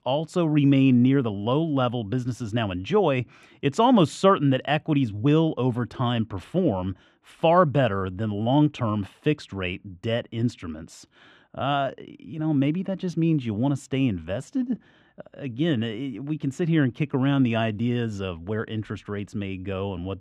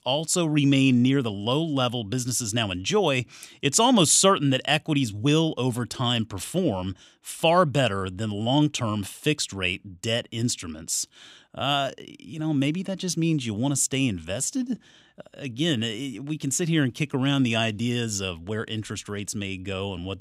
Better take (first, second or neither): second